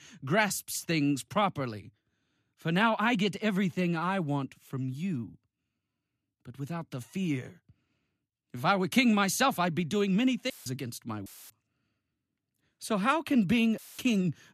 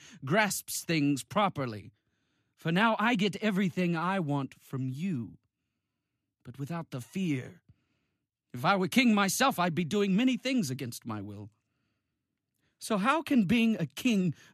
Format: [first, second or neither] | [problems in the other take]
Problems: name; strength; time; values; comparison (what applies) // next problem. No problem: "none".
second | audio cutting out; filled with static; at 11 s and at 14 s